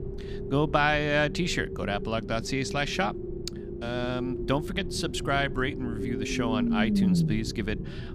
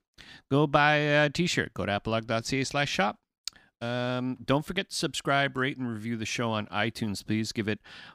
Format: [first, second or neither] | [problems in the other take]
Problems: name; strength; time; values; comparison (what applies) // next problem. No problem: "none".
second | low rumble; loud; throughout; 9 dB below the speech